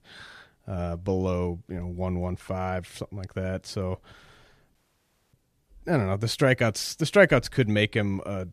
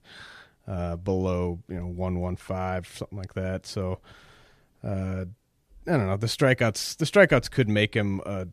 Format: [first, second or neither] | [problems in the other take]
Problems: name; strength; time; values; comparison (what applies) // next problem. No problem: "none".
second | audio cutting out; at 5 s for 0.5 s